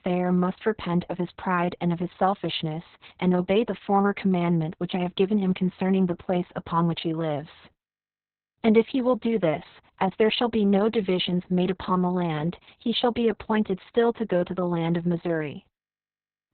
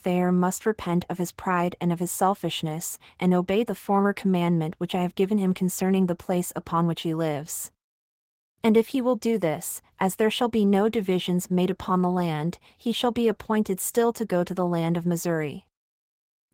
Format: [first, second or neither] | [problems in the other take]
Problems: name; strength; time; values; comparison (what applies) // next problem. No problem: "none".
second | garbled, watery; badly; nothing above 4 kHz; slightly in the second